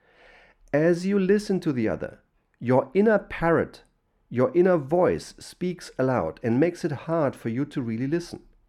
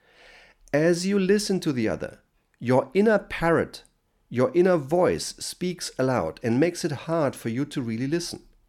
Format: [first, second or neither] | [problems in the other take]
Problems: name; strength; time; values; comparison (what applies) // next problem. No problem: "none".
second | muffled; slightly; fading above 3 kHz